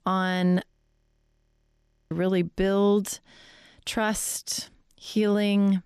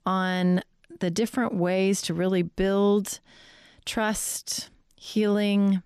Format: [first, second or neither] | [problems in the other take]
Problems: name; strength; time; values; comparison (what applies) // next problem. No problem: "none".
second | audio freezing; at 0.5 s for 1.5 s